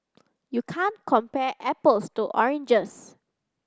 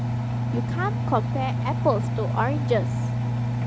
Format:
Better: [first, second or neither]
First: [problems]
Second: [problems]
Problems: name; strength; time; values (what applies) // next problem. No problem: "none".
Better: first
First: none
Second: background sound (Engine); 4 dB above the speech